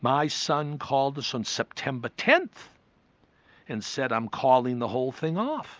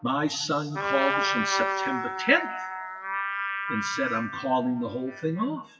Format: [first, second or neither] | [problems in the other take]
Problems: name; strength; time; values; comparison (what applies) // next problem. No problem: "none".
first | noise reduction (classical method WPE with log-MMSE)